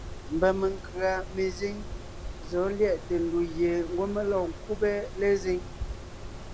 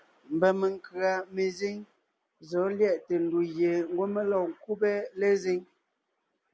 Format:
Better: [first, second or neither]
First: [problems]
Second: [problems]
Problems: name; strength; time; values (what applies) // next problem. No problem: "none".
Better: second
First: background sound (Mechanisms); 9 dB below the speech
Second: none